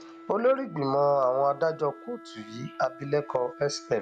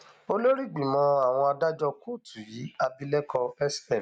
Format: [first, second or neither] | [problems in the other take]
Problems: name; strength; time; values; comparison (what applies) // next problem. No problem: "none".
second | background sound (Wind instrument, woodwind instrument); 19 dB below the speech